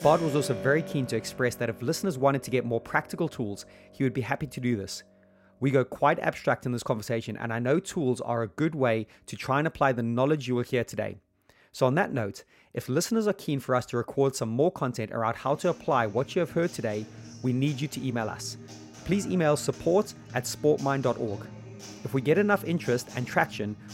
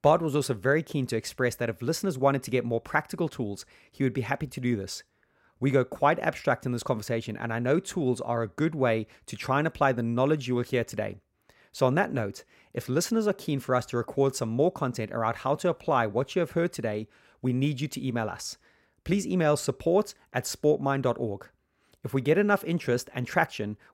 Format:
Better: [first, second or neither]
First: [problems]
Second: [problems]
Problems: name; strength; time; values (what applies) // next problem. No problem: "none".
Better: second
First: background music; noticeable; throughout; 15 dB below the speech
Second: none